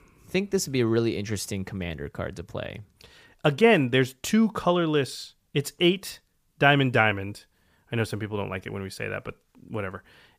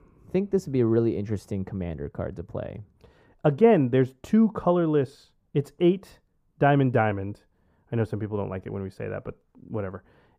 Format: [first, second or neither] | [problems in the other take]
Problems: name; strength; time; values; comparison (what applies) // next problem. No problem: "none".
first | muffled; very; fading above 1.5 kHz